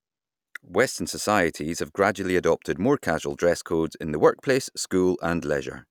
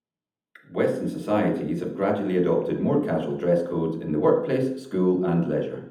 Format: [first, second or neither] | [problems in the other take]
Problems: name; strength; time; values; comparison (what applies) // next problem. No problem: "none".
first | room echo; dies away in 0.8 s